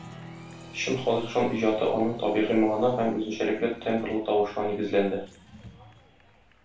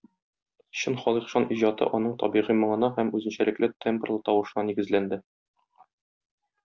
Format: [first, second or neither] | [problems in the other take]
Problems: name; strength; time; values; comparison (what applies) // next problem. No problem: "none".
second | background sound (Applause); 20 dB below the speech // room echo; dies away in 0.3 s